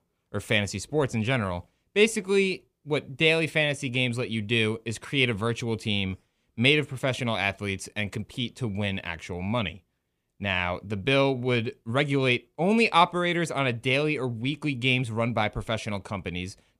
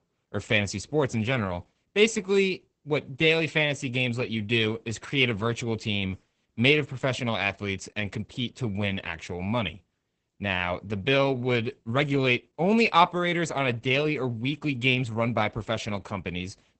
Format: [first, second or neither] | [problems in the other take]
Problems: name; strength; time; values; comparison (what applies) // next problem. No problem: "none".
first | garbled, watery; badly; nothing above 8 kHz